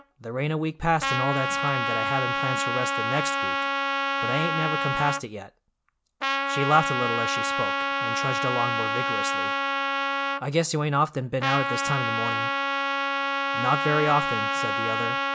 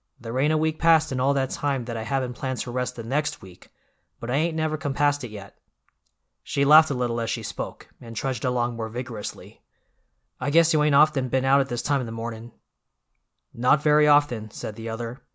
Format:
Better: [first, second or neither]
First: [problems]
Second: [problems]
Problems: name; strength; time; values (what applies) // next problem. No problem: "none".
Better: second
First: background sound (Trumpet); 2 dB above the speech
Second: none